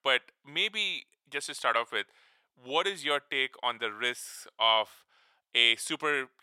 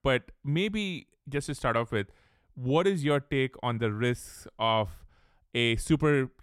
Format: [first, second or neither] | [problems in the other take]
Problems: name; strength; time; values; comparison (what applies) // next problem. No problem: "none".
second | thin; very; fading below 750 Hz